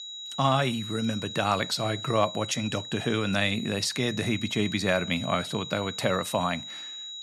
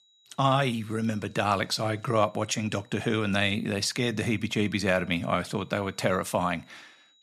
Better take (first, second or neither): second